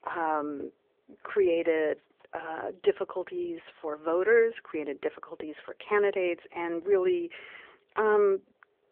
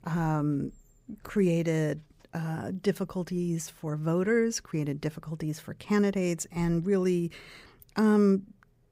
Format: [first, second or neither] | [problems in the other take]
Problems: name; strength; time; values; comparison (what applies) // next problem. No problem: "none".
second | phone-call audio